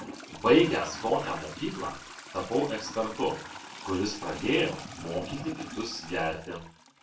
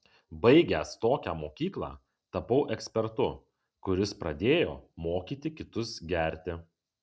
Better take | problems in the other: second | background sound (Trickle, dribble / Toilet flush); 13 dB below the speech // room echo; dies away in 0.2 s

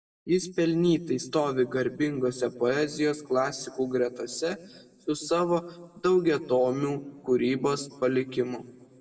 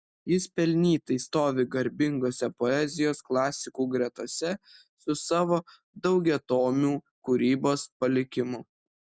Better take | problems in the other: second | room echo; dies away in 1.2 s

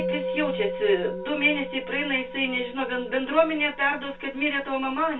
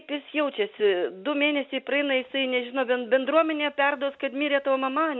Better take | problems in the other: second | background sound (Musical instrument); 9 dB below the speech // room echo; dies away in 0.2 s

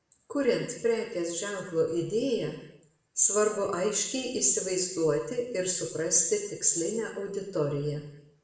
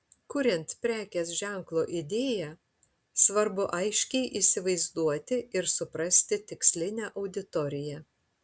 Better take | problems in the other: second | room echo; dies away in 0.8 s

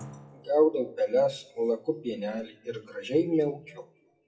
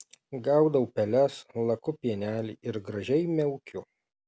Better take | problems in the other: second | noise reduction (classical method WPE with log-MMSE)

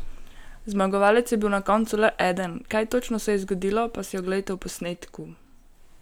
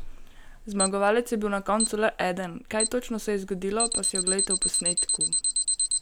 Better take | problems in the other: first | background sound (Alarm); 1 dB below the speech

